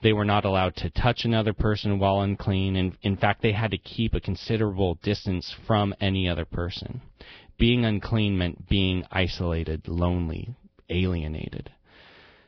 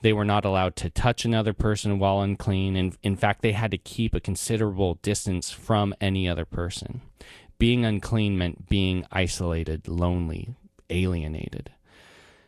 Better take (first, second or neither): second